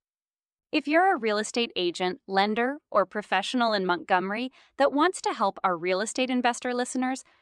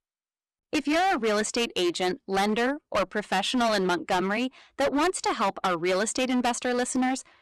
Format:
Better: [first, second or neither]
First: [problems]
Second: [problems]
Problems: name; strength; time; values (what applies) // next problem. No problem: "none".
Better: first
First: none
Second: distortion; heavy; 18% of the sound clipped